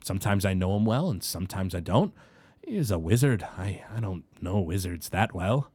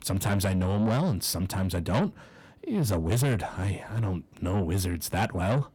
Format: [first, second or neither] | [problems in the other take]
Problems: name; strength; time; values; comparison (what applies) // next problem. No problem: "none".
first | distortion; heavy; 7 dB below the speech